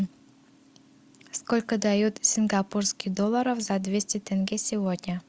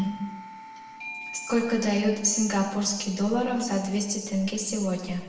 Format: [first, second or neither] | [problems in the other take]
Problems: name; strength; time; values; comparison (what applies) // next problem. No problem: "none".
first | background sound (Doorbell); 17 dB below the speech // room echo; dies away in 0.9 s